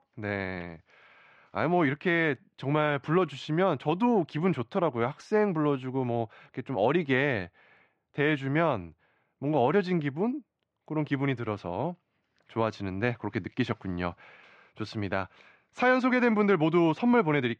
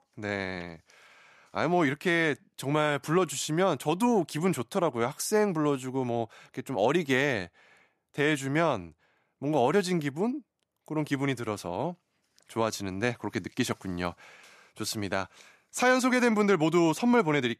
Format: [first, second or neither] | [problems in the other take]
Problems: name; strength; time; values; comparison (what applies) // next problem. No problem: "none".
second | muffled; slightly; fading above 3 kHz